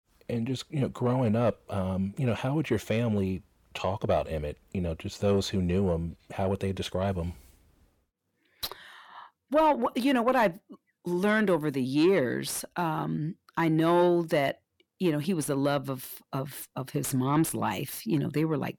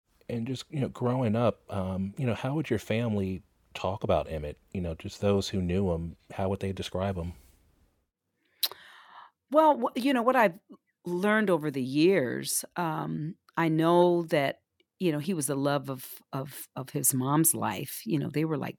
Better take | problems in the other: second | distortion; slight; 10 dB below the speech

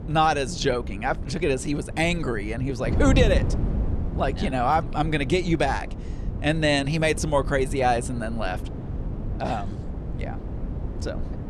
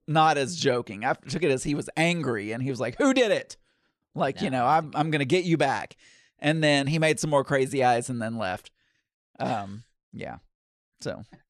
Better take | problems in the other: second | wind noise on the microphone; occasional gusts; 15 dB below the speech

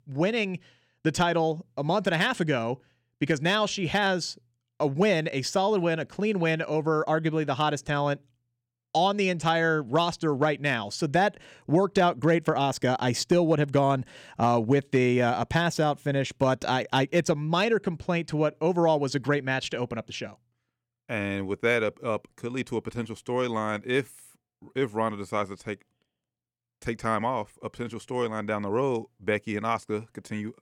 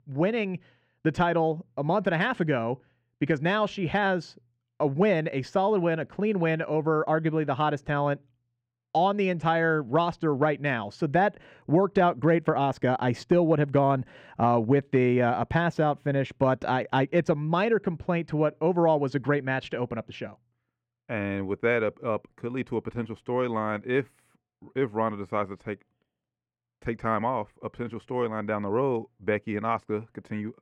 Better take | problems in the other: first | muffled; slightly; fading above 3.5 kHz

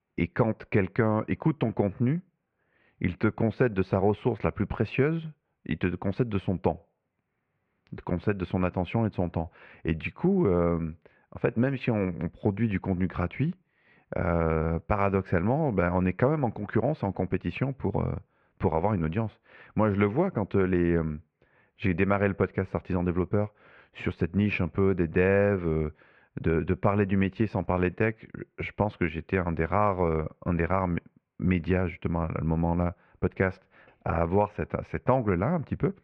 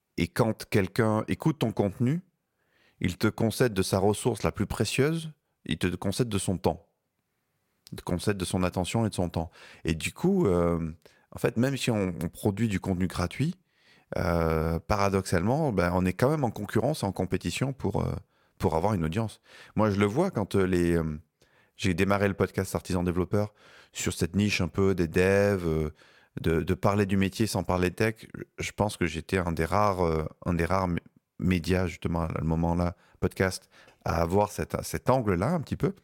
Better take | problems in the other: second | muffled; very; fading above 2.5 kHz

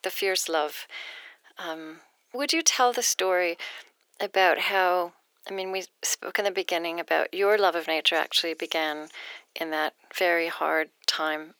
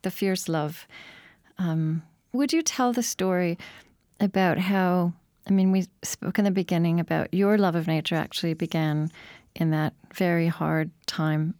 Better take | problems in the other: second | thin; very; fading below 400 Hz

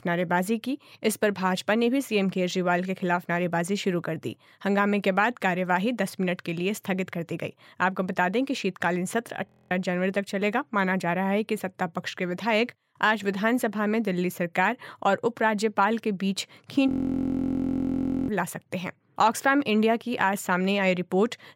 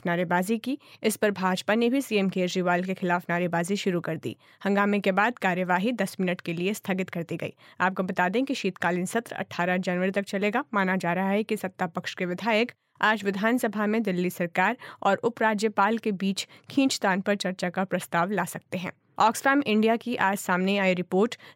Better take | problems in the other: second | audio freezing; at 9.5 s and at 17 s for 1.5 s

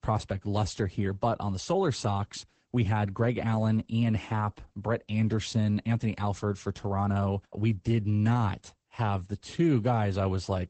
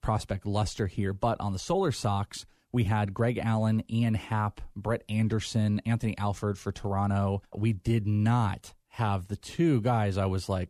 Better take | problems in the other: second | garbled, watery; badly; nothing above 8 kHz

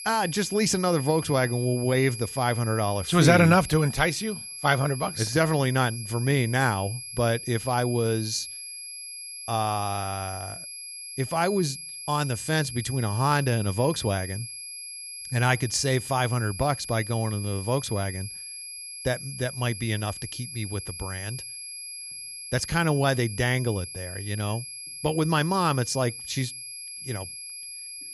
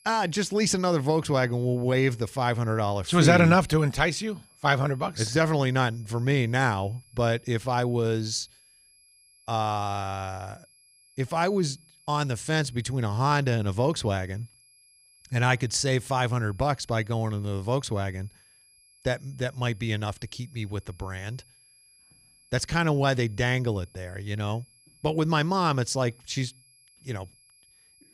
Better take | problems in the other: second | high-pitched whine; loud; throughout; 11 kHz, 10 dB below the speech; faint in the second

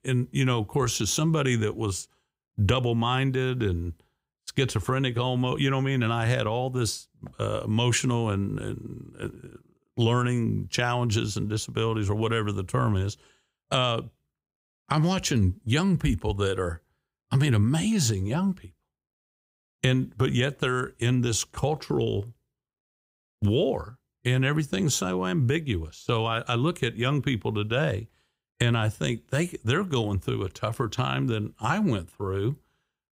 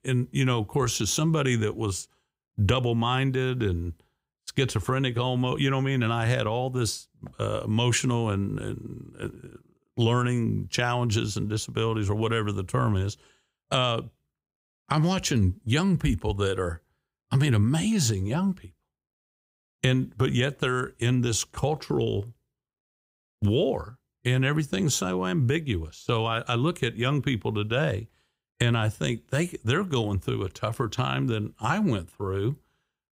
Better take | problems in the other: neither | none

